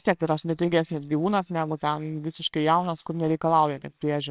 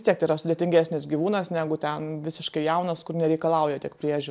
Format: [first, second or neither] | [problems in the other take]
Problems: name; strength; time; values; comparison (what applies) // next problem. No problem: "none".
second | noise reduction (neural separator model SepFormer WHAMR!)